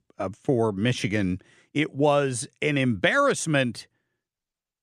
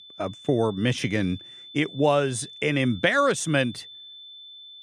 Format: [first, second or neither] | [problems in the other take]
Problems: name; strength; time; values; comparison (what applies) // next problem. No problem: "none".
first | high-pitched whine; noticeable; throughout; 3.5 kHz, 15 dB below the speech